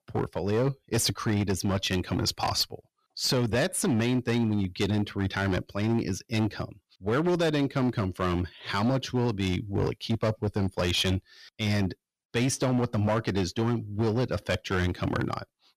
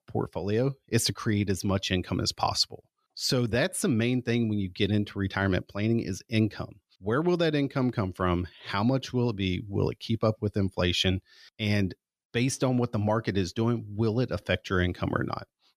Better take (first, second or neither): second